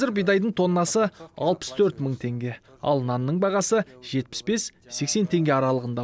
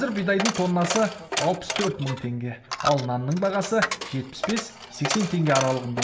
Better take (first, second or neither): first